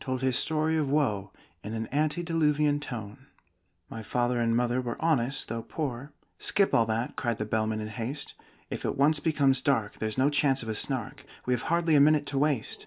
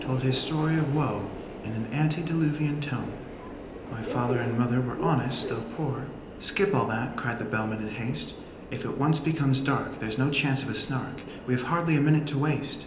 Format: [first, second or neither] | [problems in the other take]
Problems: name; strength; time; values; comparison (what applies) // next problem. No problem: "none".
first | background sound (Subway, metro, underground); 11 dB below the speech // room echo; dies away in 0.9 s